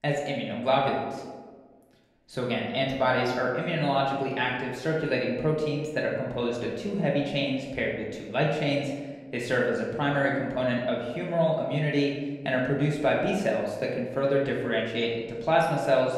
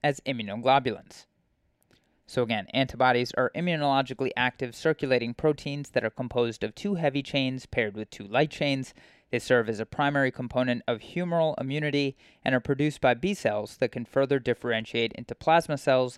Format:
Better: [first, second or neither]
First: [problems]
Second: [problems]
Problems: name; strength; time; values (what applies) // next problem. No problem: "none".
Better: second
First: room echo; noticeable; dies away in 1.1 s // off-mic speech; far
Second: none